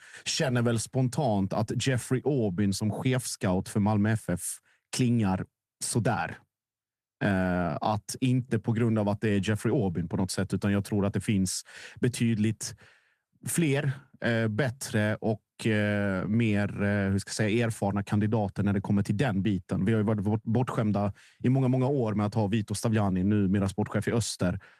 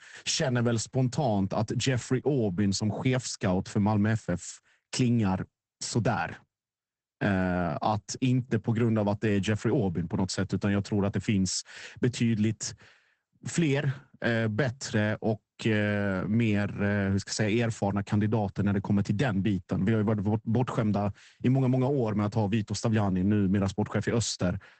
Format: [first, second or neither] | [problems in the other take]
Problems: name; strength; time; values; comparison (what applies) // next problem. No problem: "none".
first | garbled, watery; badly; nothing above 8 kHz; slightly in the first